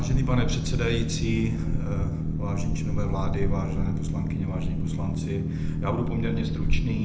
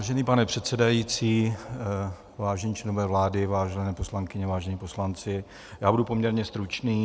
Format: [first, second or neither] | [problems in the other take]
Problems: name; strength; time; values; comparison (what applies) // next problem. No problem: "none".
second | background sound (Boat, Water vehicle); 4 dB above the speech // room echo; dies away in 0.7 s